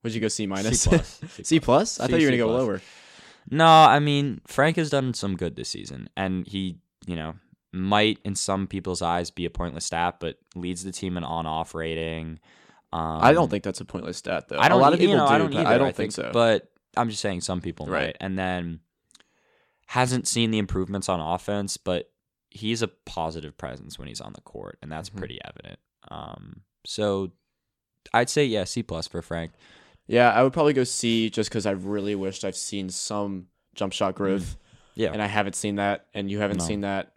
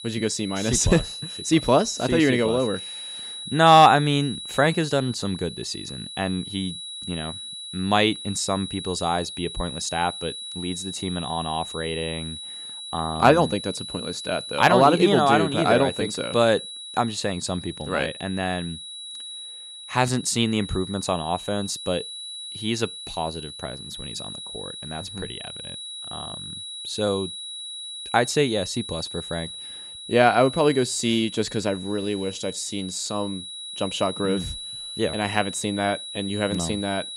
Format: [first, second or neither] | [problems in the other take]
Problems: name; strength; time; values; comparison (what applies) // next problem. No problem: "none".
first | high-pitched whine; noticeable; throughout; 4 kHz, 10 dB below the speech